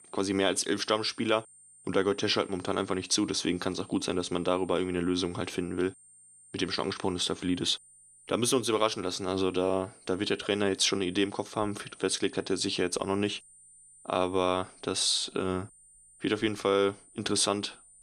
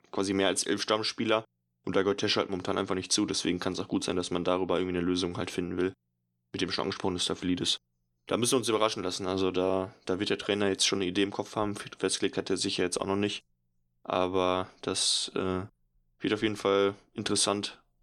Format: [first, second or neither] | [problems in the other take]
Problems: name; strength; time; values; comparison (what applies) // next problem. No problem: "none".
second | high-pitched whine; faint; throughout; 8.5 kHz, 25 dB below the speech